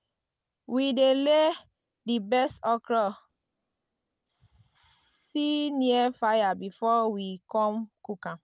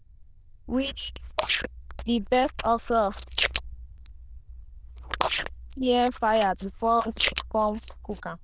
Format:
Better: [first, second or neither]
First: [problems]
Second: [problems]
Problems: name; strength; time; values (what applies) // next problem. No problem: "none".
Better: first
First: none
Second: noise reduction (neural diffusion model UNIVERSE++)